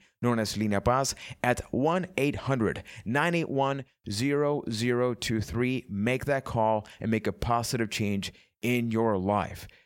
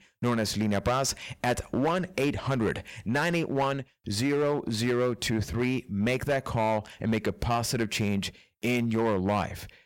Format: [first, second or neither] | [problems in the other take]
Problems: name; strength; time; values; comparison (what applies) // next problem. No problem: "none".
first | distortion; slight; 10% of the sound clipped